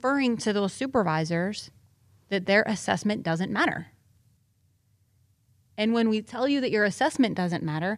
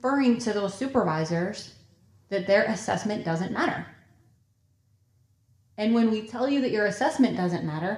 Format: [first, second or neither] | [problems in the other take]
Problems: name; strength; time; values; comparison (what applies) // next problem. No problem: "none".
first | room echo; very slight; dies away in 0.5 s